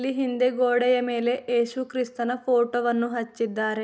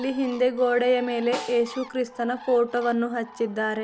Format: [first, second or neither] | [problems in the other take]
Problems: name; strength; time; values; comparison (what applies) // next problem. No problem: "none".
first | background sound (Bird + Snare drum); 17 dB below the speech